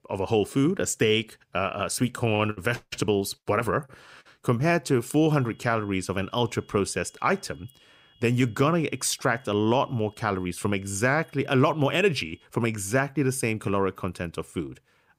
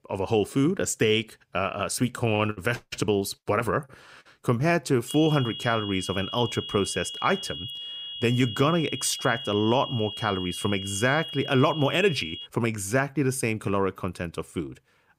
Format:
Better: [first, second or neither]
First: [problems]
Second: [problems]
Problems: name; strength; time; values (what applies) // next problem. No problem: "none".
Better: first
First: high-pitched whine; faint; from 5 to 12 s; 3.5 kHz, 30 dB below the speech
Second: high-pitched whine; loud; from 5 to 12 s; 3.5 kHz, 8 dB below the speech